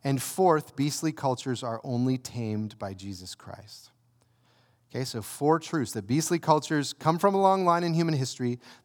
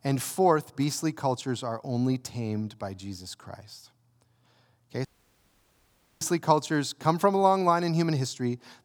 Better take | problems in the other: first | audio cutting out; at 5 s for 1 s

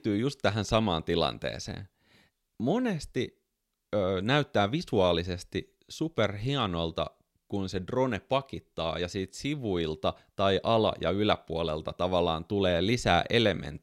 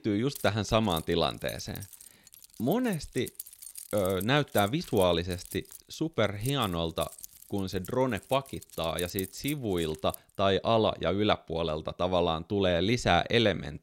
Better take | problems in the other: first | jangling keys; noticeable; until 10 s; peak 9 dB below the speech

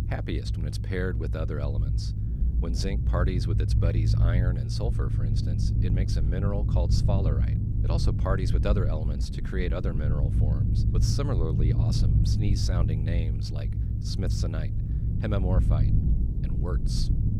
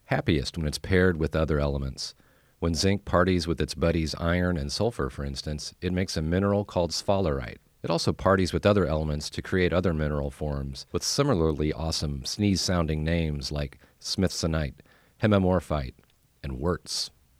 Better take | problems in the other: second | low rumble; loud; throughout; 4 dB below the speech

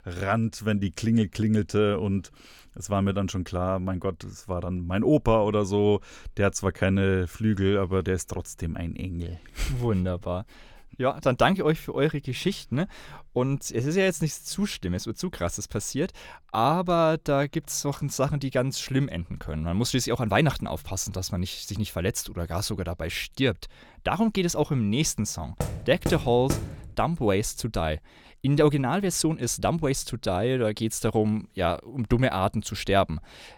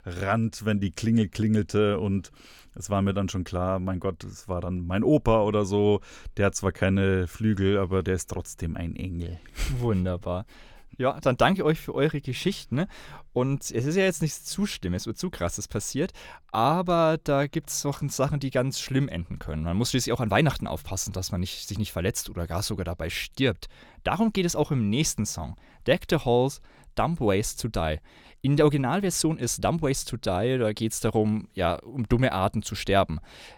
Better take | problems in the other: second | door banging; noticeable; from 26 to 27 s; peak 5 dB below the speech

